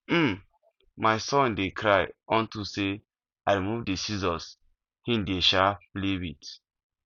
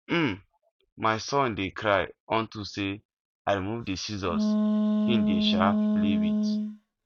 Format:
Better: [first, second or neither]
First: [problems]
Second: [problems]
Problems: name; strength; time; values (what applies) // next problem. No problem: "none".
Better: first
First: none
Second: noise reduction (neural mask model RNNoise)